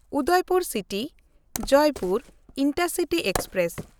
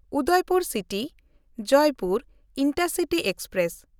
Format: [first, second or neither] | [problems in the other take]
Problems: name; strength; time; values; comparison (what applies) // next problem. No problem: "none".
second | background sound (Wood); 14 dB below the speech